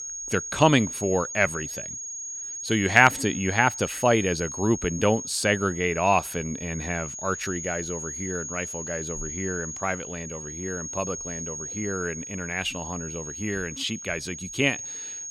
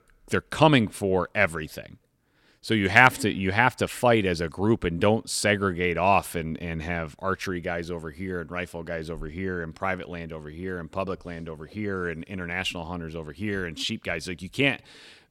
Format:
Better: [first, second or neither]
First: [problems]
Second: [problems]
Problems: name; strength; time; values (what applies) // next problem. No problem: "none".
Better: second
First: high-pitched whine; loud; throughout; 6.5 kHz, 7 dB below the speech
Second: none